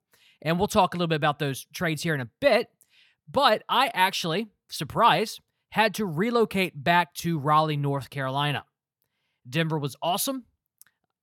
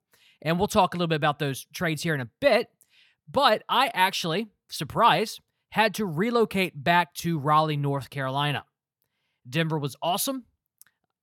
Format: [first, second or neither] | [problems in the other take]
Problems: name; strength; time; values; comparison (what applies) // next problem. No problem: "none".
neither | none